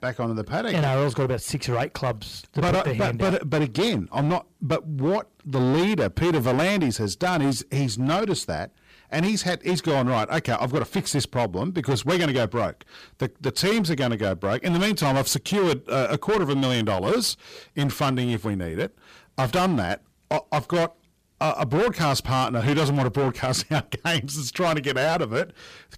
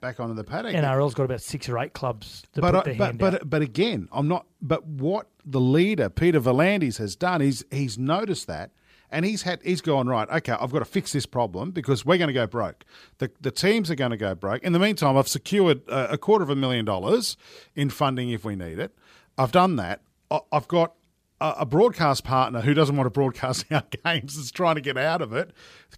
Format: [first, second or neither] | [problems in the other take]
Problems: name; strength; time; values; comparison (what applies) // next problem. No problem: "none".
second | distortion; heavy; 17% of the sound clipped